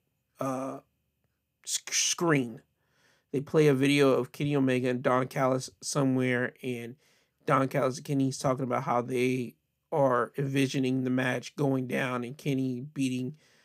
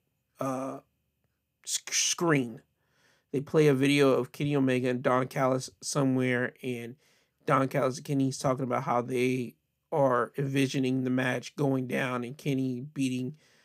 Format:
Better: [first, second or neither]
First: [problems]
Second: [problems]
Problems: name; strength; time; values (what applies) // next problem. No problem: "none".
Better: neither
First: none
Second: none